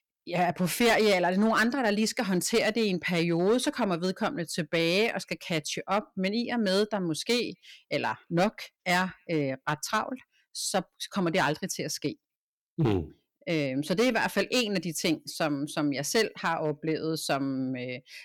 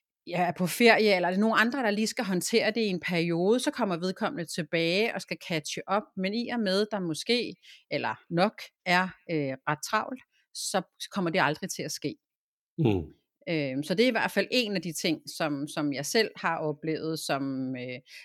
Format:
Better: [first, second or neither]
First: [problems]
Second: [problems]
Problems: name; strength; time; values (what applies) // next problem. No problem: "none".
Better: second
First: distortion; slight; 3% of the sound clipped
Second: none